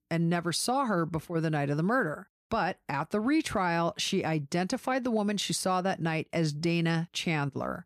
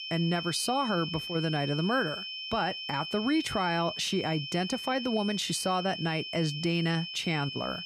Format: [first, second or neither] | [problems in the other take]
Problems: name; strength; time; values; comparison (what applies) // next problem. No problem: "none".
first | high-pitched whine; loud; throughout; 3 kHz, 6 dB below the speech